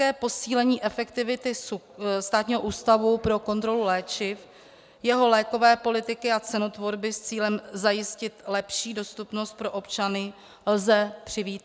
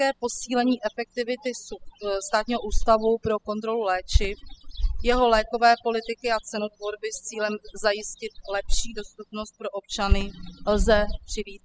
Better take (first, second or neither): first